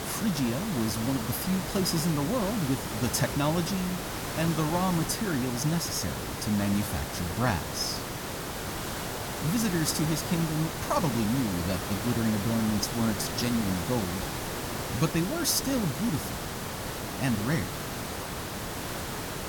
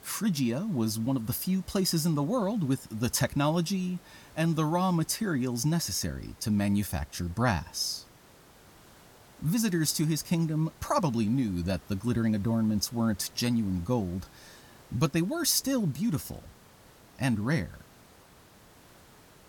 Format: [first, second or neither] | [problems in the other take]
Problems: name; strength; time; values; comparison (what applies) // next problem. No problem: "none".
second | hiss; loud; throughout; 4 dB below the speech; faint in the second